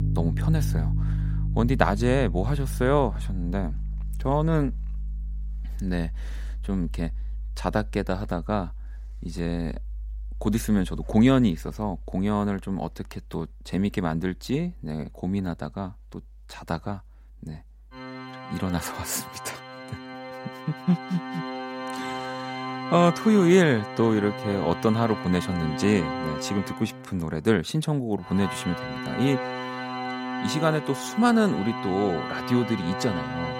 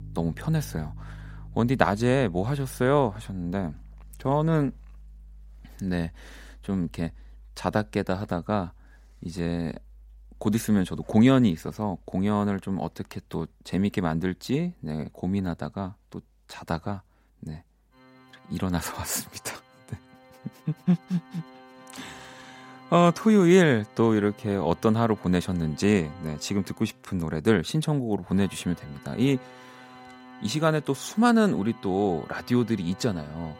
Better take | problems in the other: second | background music; loud; throughout; 7 dB below the speech; faint in the second

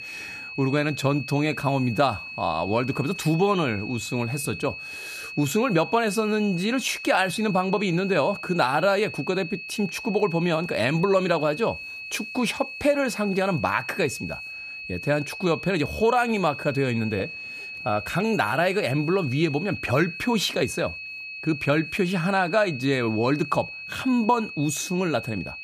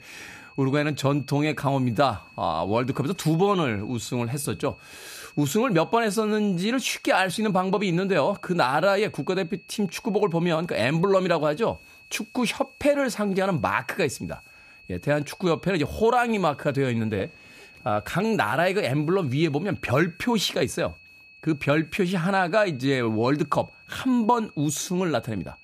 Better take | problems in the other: second | high-pitched whine; loud; throughout; 2.5 kHz, 10 dB below the speech; faint in the second

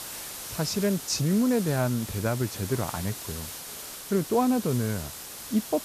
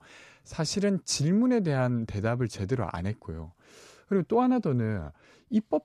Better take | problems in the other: second | hiss; loud; throughout; 9 dB below the speech

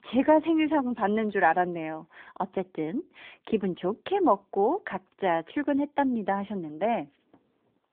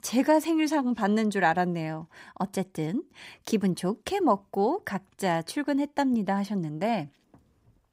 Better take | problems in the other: second | phone-call audio

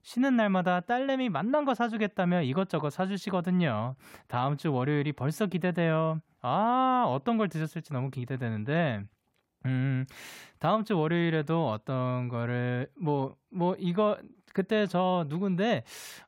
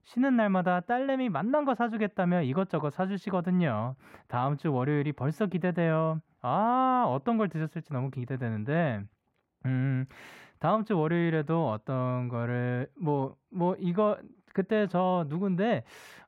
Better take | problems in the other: first | muffled; slightly; fading above 3 kHz

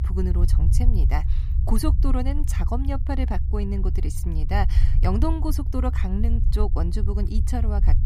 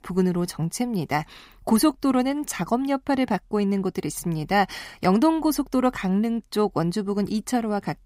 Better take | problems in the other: second | low rumble; loud; throughout; 9 dB below the speech

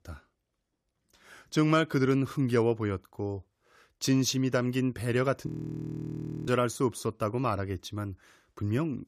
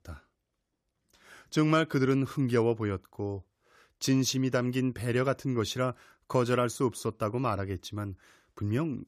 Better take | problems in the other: second | audio freezing; at 5.5 s for 1 s

